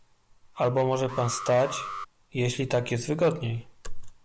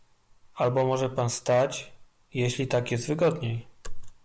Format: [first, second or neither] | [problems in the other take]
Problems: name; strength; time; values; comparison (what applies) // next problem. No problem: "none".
second | background sound (Alarm); 11 dB below the speech